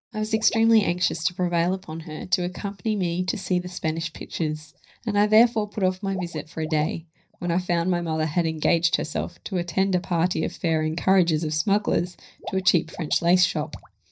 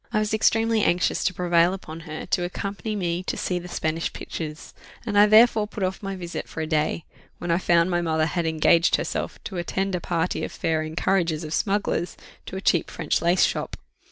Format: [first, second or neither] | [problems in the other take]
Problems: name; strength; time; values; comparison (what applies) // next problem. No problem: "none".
second | noise reduction (neural mask model DeepFilterNet 3)